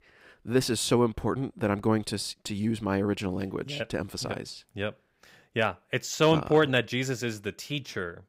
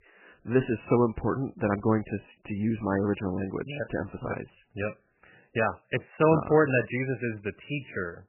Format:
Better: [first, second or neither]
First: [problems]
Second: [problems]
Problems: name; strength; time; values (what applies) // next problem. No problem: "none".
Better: first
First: none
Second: garbled, watery; badly; nothing above 3 kHz